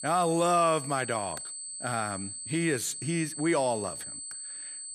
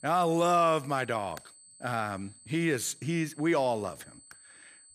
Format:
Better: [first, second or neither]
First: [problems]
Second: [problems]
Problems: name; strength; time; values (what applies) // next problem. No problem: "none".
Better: second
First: high-pitched whine; loud; throughout; 8 kHz, 8 dB below the speech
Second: high-pitched whine; faint; throughout; 8 kHz, 25 dB below the speech